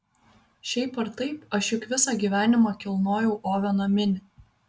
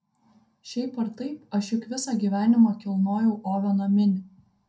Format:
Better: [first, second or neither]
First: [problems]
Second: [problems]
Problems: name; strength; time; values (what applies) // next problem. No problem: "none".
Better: first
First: none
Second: room echo; dies away in 0.2 s